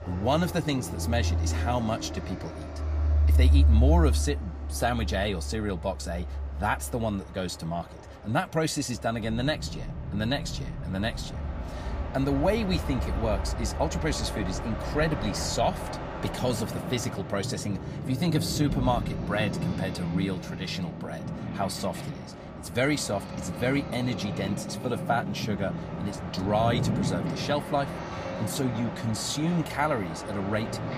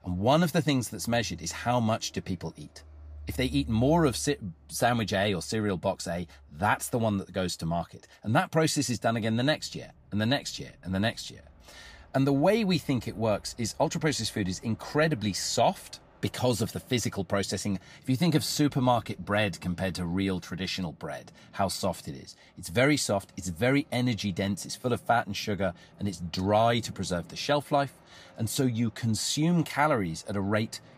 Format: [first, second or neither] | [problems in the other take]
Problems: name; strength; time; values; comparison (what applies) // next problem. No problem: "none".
second | train or aircraft noise; loud; throughout; 2 dB below the speech; faint in the second